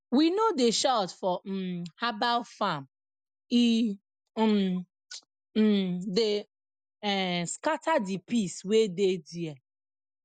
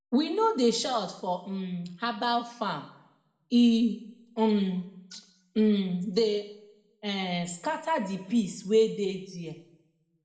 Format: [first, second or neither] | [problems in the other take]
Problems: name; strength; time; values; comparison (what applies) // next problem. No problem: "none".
first | room echo; dies away in 0.7 s